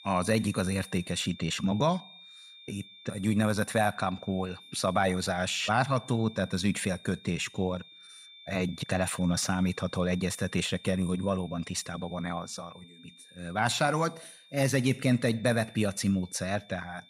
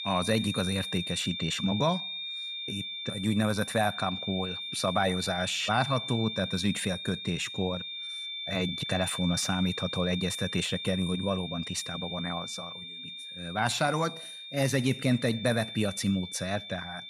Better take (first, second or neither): first